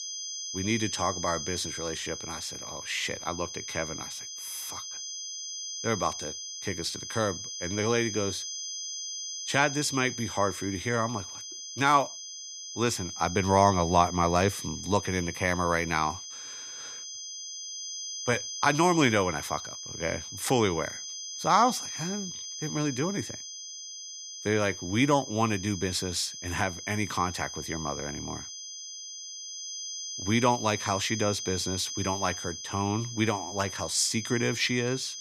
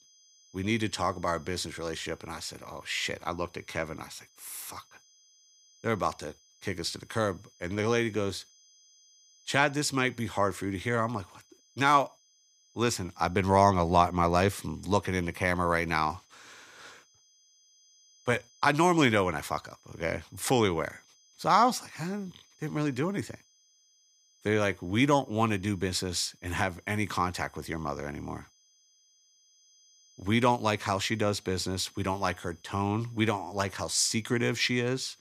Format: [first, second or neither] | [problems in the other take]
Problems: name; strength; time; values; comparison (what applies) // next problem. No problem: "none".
second | high-pitched whine; loud; throughout; 6 kHz, 7 dB below the speech; faint in the second